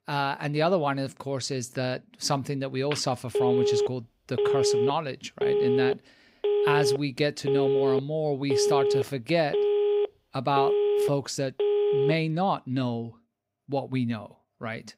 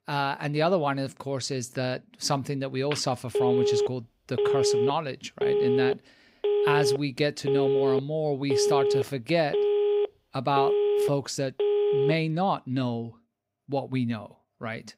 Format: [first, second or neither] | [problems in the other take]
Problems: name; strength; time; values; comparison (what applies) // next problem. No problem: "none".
neither | phone ringing; loud; from 3.5 to 12 s; peak 5 dB above the speech; the same in both